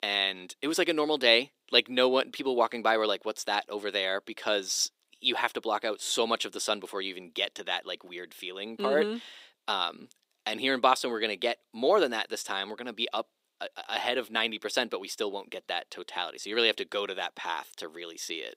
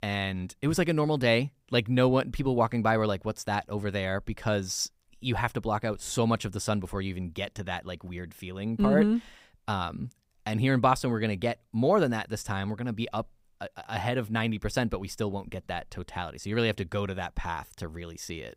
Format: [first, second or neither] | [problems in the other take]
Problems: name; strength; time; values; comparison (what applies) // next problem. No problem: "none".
second | thin; somewhat; fading below 350 Hz